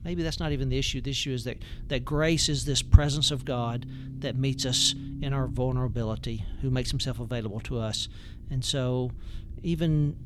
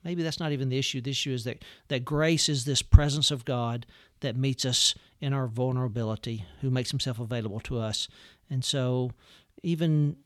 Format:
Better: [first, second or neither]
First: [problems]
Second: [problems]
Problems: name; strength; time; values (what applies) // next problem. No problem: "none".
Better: second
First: low rumble; faint; throughout; 20 dB below the speech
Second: none